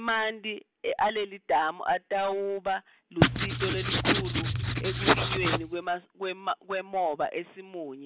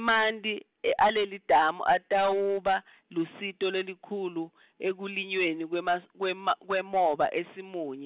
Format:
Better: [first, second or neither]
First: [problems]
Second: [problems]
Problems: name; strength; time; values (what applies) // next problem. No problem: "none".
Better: second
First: background sound (Writing); 4 dB above the speech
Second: none